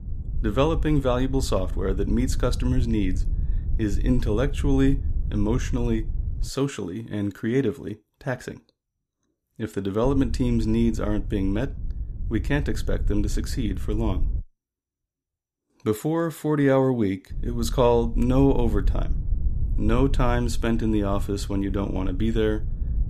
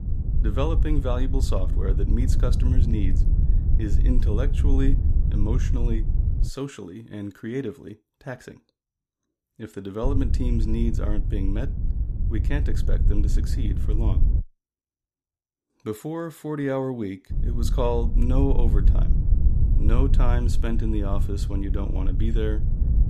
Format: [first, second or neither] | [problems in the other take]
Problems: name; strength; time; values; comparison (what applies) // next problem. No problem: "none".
first | low rumble; loud; until 6.5 s, from 10 to 14 s and from 17 s on; 8 dB below the speech; faint in the first